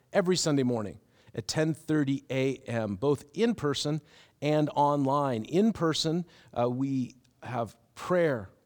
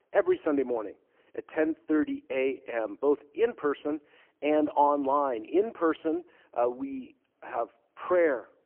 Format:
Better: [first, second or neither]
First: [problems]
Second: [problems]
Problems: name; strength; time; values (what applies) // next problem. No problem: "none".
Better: first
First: none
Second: phone-call audio; poor line